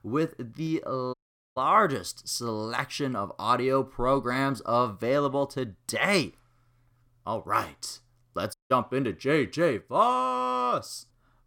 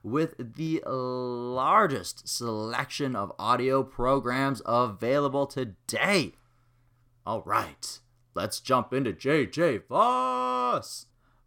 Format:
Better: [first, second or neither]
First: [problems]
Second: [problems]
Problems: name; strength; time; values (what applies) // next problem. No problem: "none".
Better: second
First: audio cutting out; at 1 s and at 8.5 s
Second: none